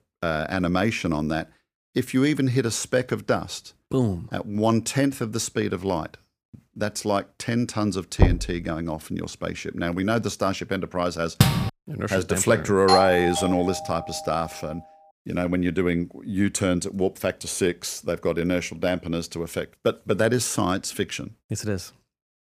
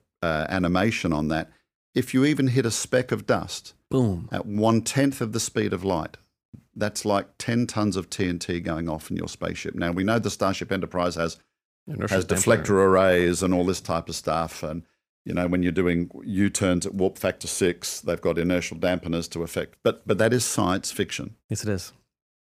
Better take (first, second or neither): second